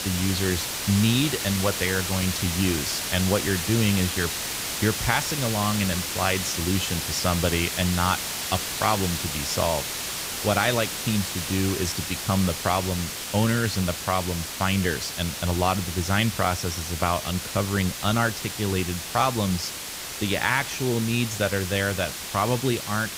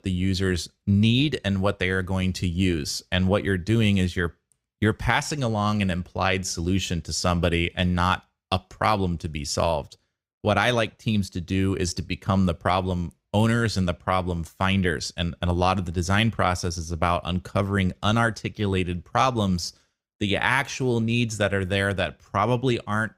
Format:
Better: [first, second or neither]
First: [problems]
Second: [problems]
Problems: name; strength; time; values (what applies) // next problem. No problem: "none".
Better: second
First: hiss; loud; throughout; 3 dB below the speech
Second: none